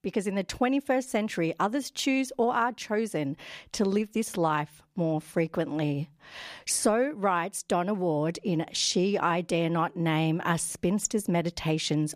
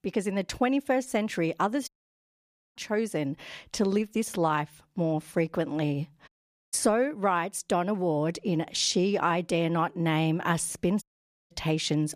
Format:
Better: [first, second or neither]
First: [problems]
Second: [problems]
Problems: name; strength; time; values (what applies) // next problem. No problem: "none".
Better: first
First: none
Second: audio cutting out; at 2 s for 1 s, at 6.5 s and at 11 s